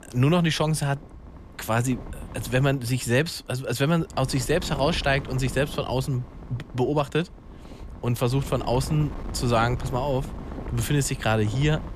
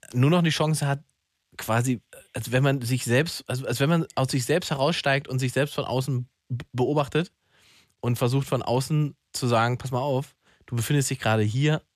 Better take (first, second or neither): second